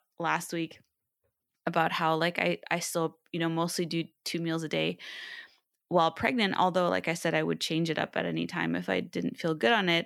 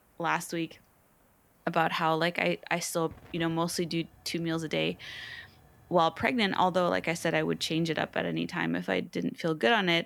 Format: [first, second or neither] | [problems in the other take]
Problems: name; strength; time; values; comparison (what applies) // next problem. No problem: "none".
first | hiss; faint; throughout; 30 dB below the speech